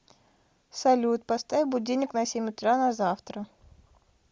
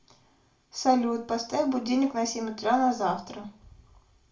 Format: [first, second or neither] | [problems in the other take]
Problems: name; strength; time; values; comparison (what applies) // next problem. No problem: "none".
first | room echo; dies away in 0.3 s